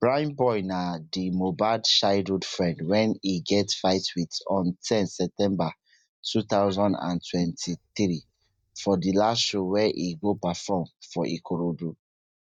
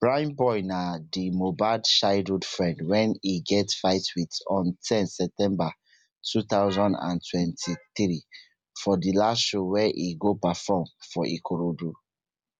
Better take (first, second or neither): second